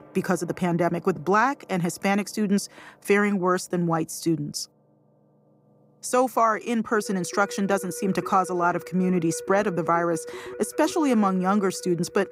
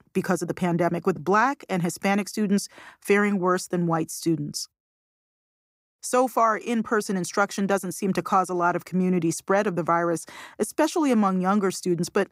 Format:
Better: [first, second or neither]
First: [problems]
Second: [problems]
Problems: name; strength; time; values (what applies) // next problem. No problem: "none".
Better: second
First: background music; noticeable; throughout; 15 dB below the speech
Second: none